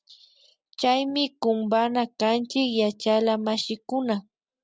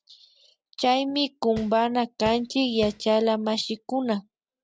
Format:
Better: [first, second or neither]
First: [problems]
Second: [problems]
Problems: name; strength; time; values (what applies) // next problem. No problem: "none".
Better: first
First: none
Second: background sound (Tap); 17 dB below the speech